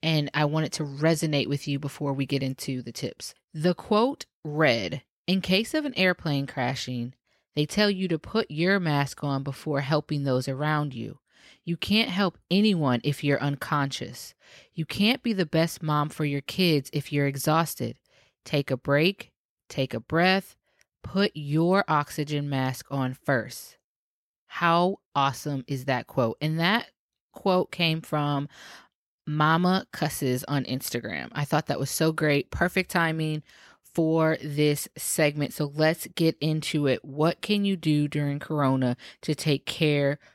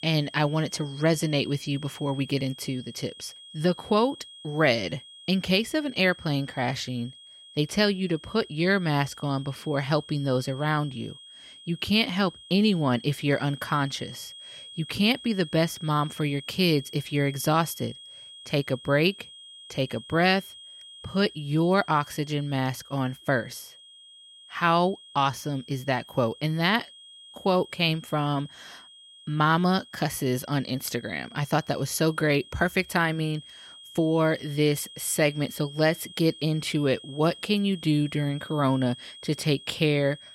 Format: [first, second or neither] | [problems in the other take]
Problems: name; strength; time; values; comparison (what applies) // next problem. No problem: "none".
first | high-pitched whine; noticeable; throughout; 3.5 kHz, 20 dB below the speech